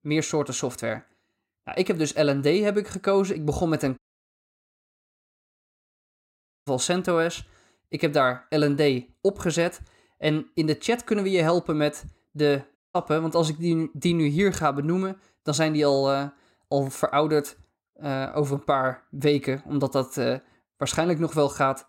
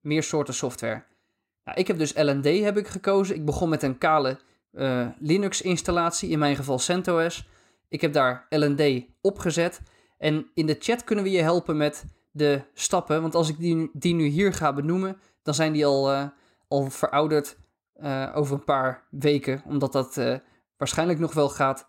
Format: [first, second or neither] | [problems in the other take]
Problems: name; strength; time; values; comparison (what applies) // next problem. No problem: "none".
second | audio cutting out; at 4 s for 2.5 s and at 13 s